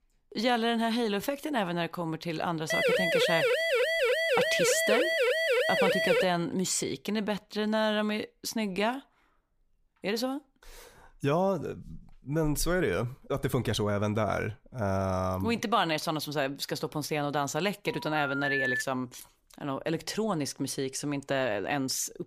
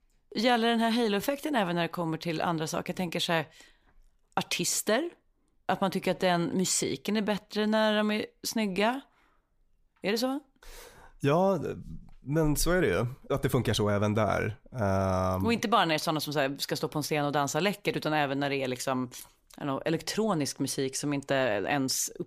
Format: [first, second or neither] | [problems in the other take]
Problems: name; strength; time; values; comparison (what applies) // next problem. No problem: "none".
second | siren; loud; from 2.5 to 6 s; peak 5 dB above the speech // phone ringing; loud; at 18 s; peak 2 dB above the speech